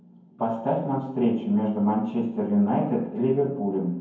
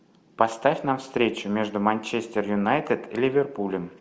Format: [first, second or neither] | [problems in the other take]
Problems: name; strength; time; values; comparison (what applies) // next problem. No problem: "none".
second | room echo; dies away in 0.9 s